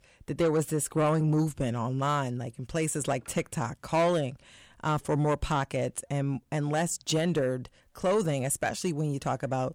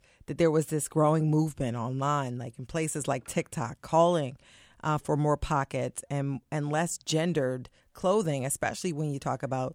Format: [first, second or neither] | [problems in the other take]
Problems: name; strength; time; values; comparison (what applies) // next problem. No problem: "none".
second | distortion; slight; 10 dB below the speech